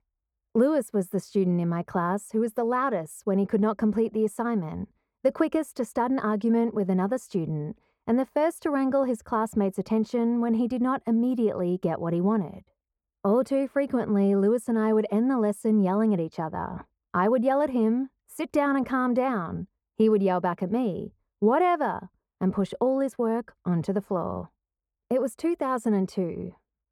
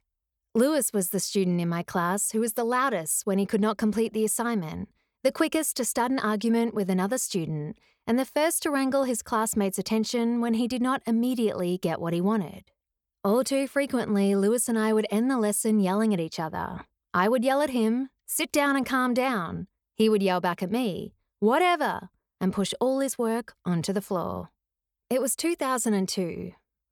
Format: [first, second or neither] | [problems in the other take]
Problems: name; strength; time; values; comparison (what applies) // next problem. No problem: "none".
second | muffled; very; fading above 2 kHz